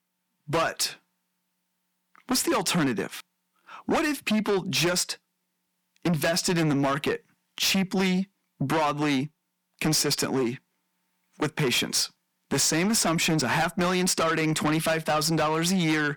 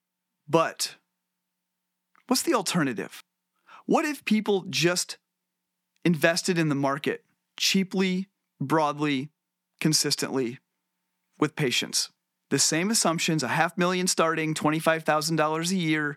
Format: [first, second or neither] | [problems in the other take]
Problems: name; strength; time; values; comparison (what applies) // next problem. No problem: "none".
second | distortion; heavy; 7 dB below the speech